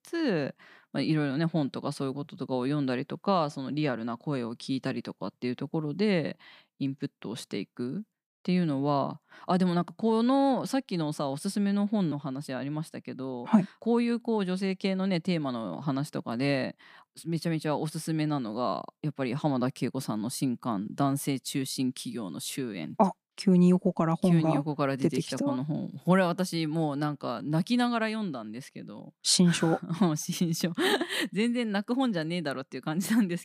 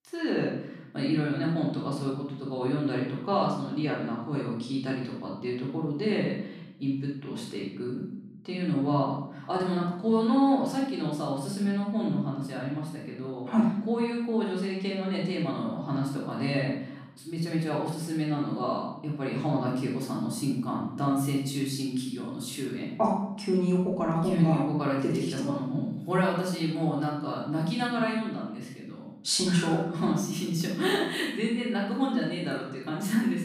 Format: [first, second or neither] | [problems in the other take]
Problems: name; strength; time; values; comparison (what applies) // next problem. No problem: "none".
first | off-mic speech; far // room echo; noticeable; dies away in 0.7 s